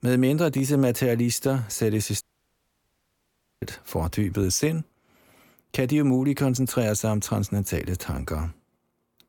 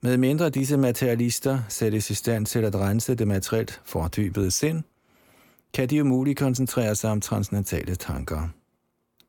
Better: second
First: audio cutting out; at 2 s for 1.5 s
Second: none

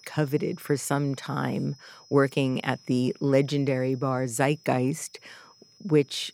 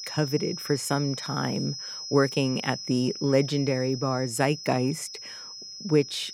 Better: first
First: high-pitched whine; faint; throughout; 5 kHz, 25 dB below the speech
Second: high-pitched whine; loud; throughout; 5 kHz, 9 dB below the speech

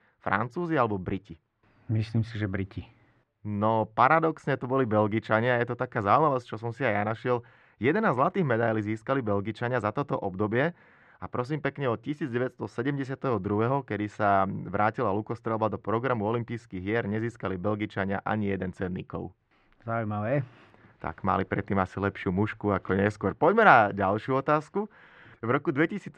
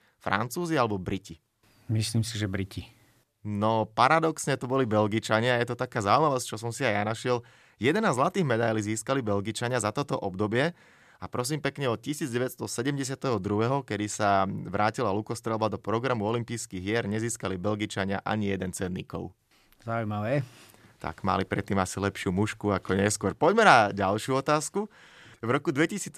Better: second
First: muffled; very; fading above 2 kHz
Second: none

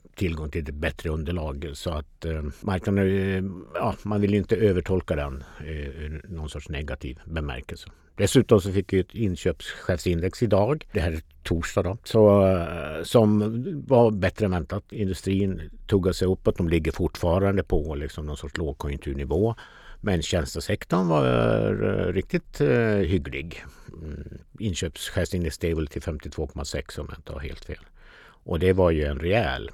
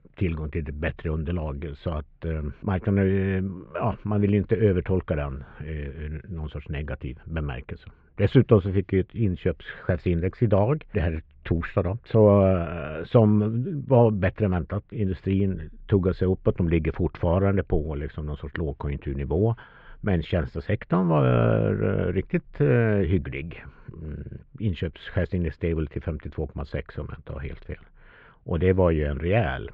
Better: first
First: none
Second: muffled; very; fading above 2.5 kHz

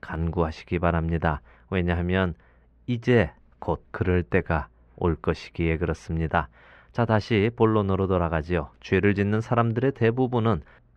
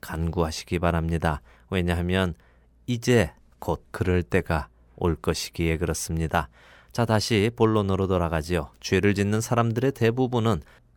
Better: second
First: muffled; slightly; fading above 2 kHz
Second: none

